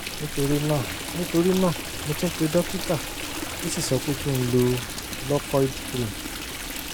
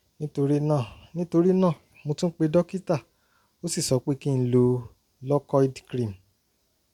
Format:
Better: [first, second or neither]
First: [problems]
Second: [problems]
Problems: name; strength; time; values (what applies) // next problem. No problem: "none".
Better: second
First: background sound (Stream); 6 dB below the speech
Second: none